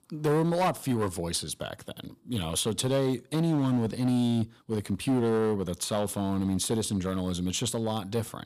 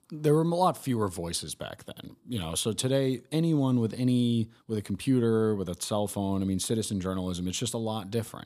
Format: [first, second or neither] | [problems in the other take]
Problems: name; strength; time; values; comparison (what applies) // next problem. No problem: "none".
second | distortion; slight; 8% of the sound clipped